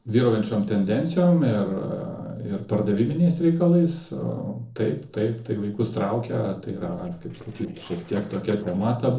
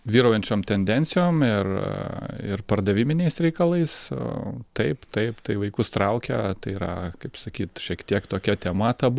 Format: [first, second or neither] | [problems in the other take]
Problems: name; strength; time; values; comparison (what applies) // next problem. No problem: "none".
second | noise reduction (neural separator model SepFormer DNS4)